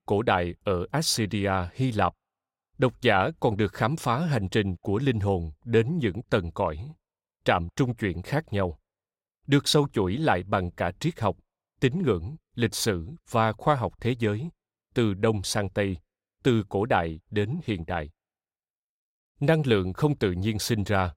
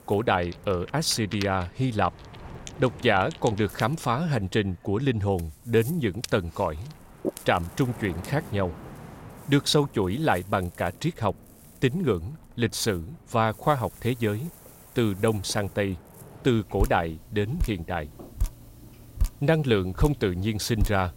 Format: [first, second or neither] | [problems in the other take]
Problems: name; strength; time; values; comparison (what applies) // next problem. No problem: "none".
first | rain or running water; noticeable; throughout; 15 dB below the speech